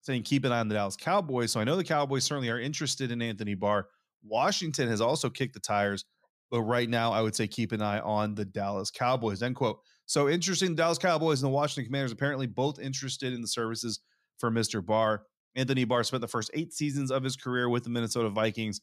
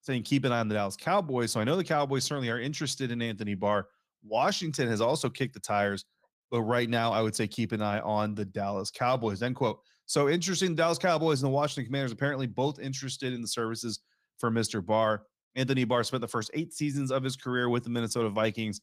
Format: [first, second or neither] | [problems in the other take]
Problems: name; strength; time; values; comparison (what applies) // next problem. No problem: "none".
first | garbled, watery; slightly; nothing above 15 kHz